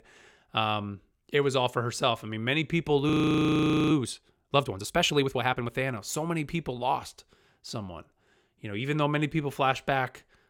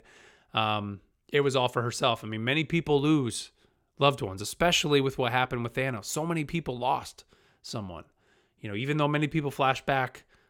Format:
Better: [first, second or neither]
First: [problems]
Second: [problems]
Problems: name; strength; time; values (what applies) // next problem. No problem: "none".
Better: second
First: audio freezing; at 3 s for 1 s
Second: none